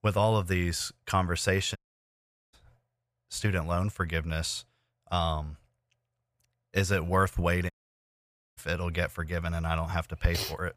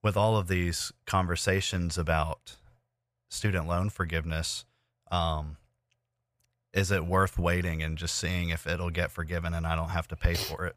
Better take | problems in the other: second | audio cutting out; at 2 s for 1 s and at 7.5 s for 1 s

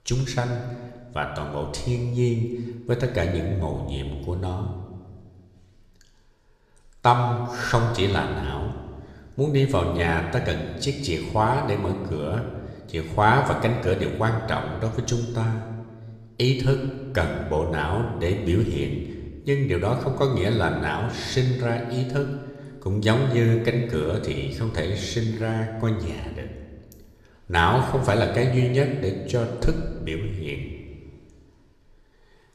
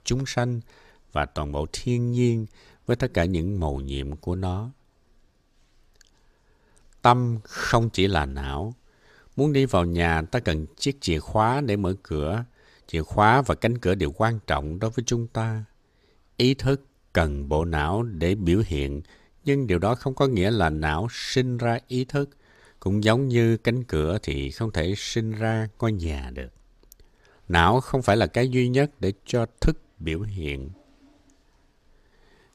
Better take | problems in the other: second | room echo; slight; dies away in 1.2 s

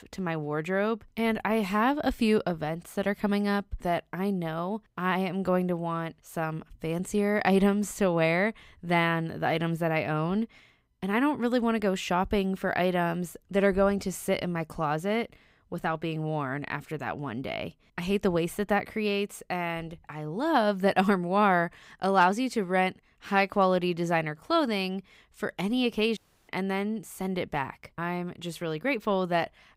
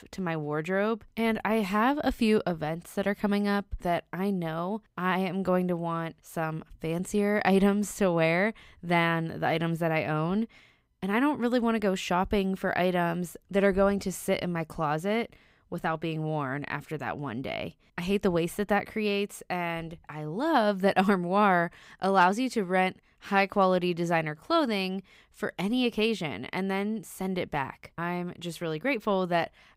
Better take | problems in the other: second | audio cutting out; at 26 s

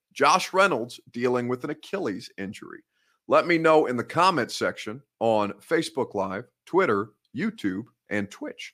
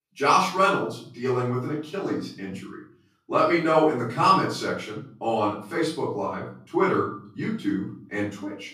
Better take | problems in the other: first | off-mic speech; far // room echo; noticeable; dies away in 0.5 s

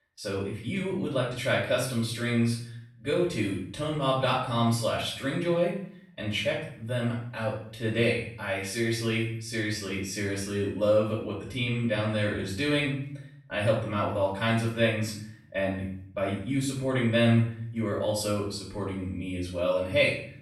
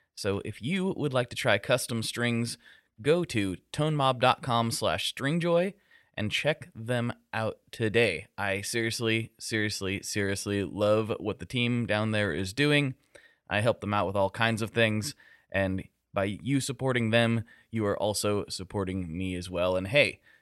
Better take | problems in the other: second | off-mic speech; far // room echo; noticeable; dies away in 0.6 s

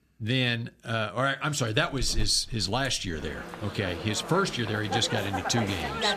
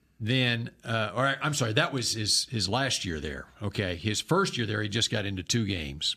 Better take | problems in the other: second | animal sounds; loud; from 2 s on; 8 dB below the speech

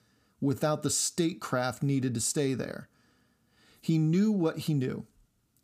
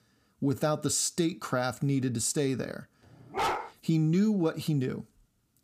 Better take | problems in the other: first | dog barking; noticeable; at 3.5 s; peak 2 dB below the speech

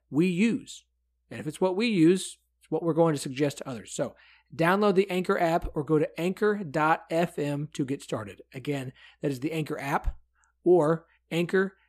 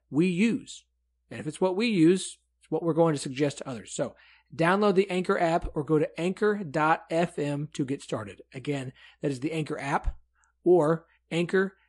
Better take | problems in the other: first | garbled, watery; slightly; nothing above 9 kHz

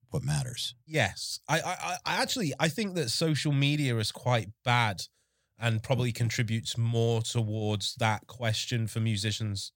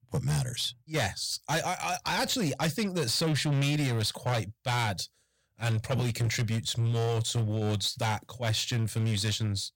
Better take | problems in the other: first | distortion; heavy; 14% of the sound clipped

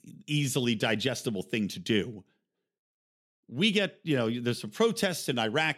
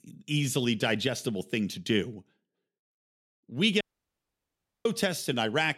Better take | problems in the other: first | audio cutting out; at 4 s for 1 s

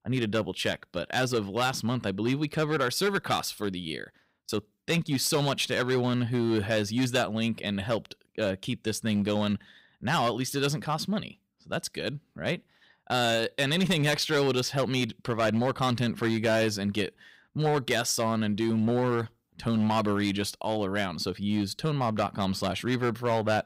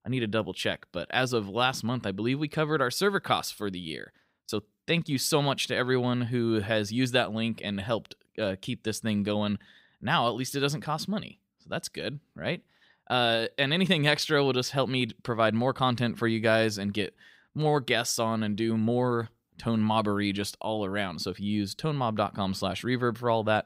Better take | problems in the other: second | distortion; slight; 6% of the sound clipped

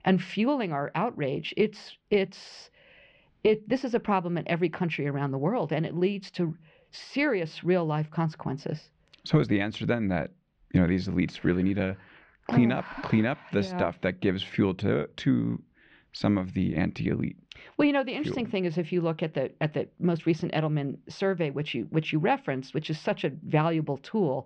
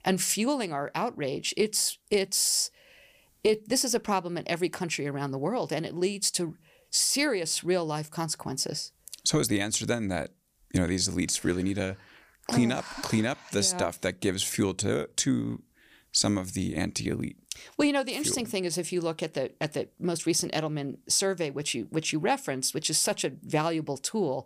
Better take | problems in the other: second | muffled; very; fading above 3 kHz

